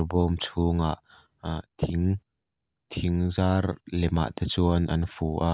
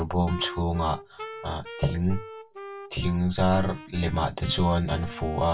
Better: first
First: none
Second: background sound (Wind instrument, woodwind instrument); 15 dB below the speech // room echo; dies away in 0.1 s

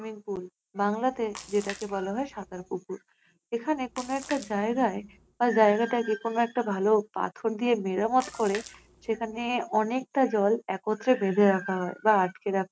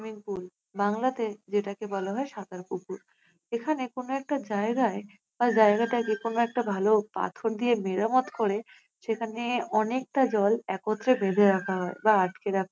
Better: second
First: background sound (Splash, splatter); 18 dB below the speech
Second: none

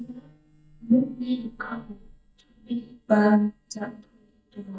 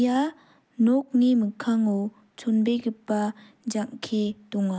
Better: second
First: noise reduction (neural mask model DeepFilterNet 3)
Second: none

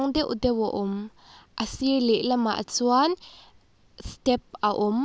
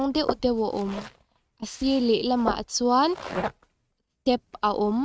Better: first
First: none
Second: noise reduction (neural mask model RNNoise)

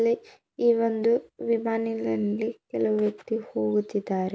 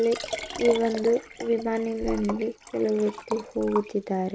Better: first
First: none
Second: background sound (Liquid); 11 dB below the speech

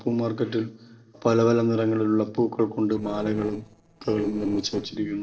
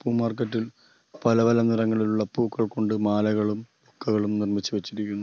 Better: second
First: noise reduction (neural separator model SepFormer DNS4)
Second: none

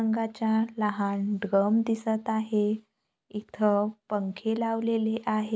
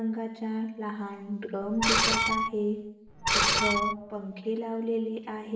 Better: first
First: none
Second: background sound (Screech); 5 dB above the speech // room echo; dies away in 0.8 s

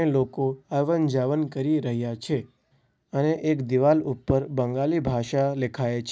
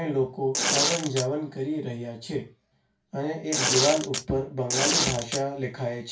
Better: first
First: none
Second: background sound (Tearing); 2 dB above the speech // room echo; dies away in 0.3 s

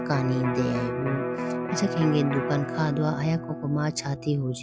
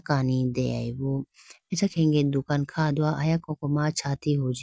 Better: second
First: background sound (Electric guitar); 4 dB below the speech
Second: none

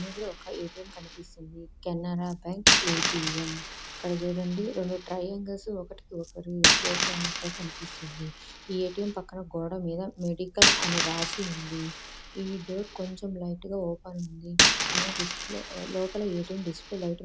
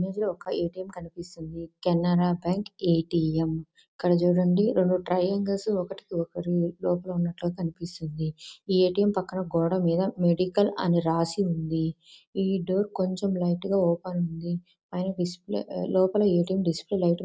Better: second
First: background sound (Coin (dropping)); 3 dB above the speech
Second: none

